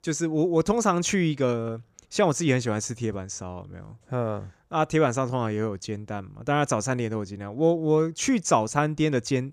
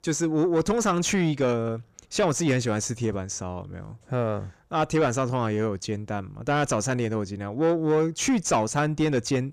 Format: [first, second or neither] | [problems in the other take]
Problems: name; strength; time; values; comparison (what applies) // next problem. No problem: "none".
first | distortion; slight; 10 dB below the speech